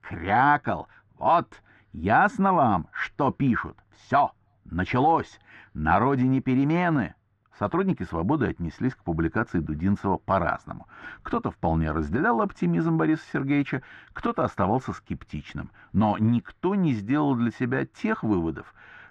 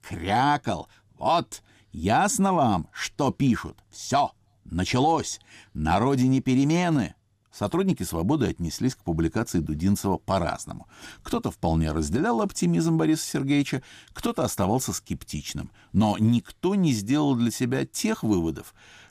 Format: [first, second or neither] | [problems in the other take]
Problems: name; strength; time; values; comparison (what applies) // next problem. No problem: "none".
second | muffled; very; fading above 2 kHz